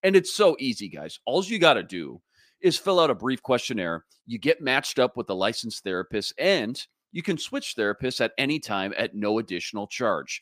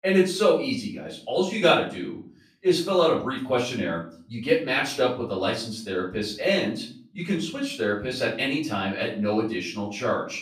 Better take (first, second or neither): first